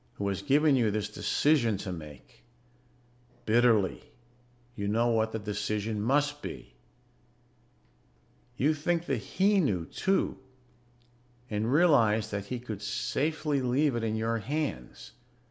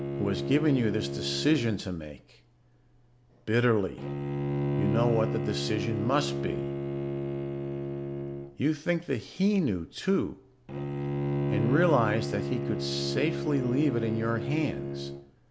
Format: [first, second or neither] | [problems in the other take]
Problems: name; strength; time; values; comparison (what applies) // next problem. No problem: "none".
first | background sound (Bowed string instrument); 3 dB below the speech